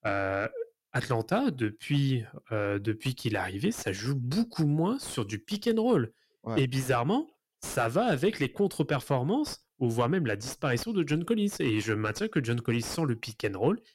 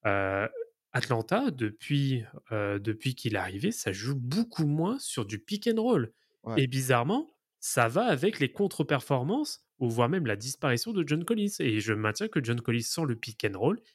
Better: second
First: distortion; slight; 10 dB below the speech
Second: none

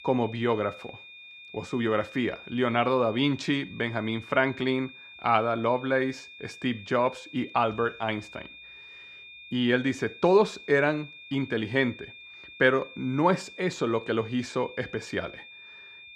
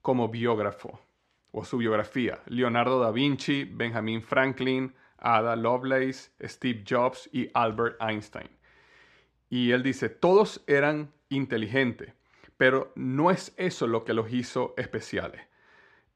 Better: second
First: high-pitched whine; noticeable; throughout; 2.5 kHz, 15 dB below the speech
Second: none

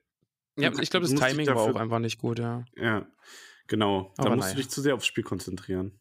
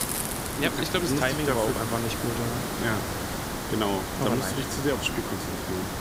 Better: first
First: none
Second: hiss; loud; throughout; 2 dB below the speech

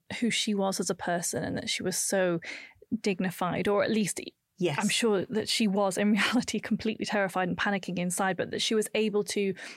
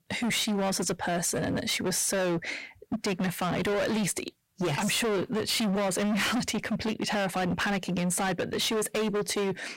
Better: first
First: none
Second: distortion; heavy; 30% of the sound clipped

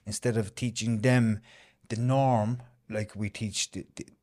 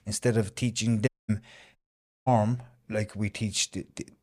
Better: first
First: none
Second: audio cutting out; at 1 s and at 2 s

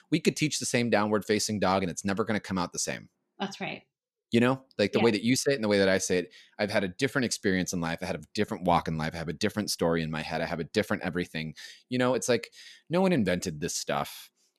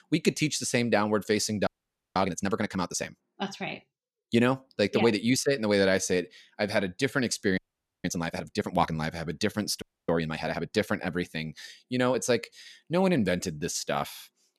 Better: first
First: none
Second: audio freezing; at 1.5 s, at 7.5 s and at 10 s

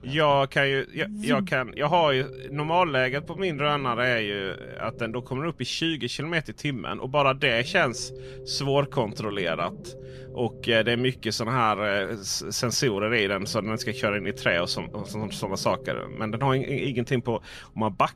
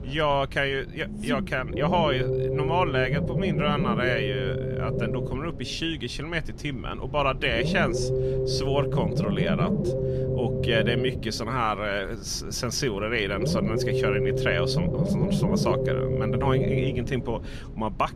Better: first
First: low rumble; faint; throughout; 20 dB below the speech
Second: low rumble; loud; throughout; 3 dB below the speech

